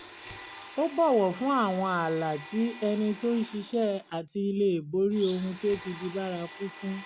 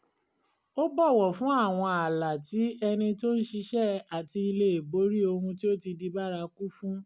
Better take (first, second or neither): second